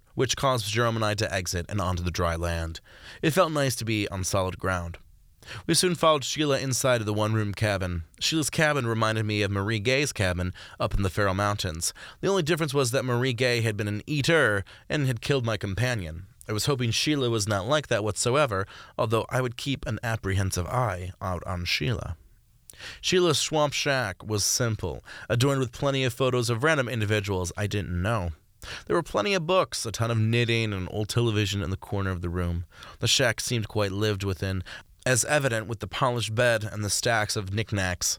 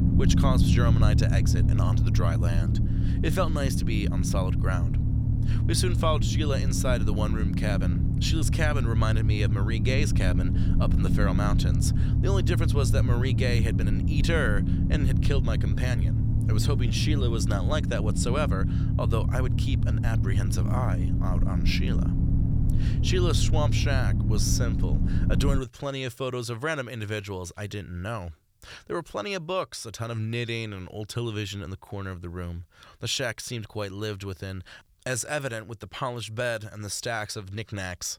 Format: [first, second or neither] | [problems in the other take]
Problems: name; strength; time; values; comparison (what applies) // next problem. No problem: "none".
first | low rumble; loud; until 26 s; 5 dB below the speech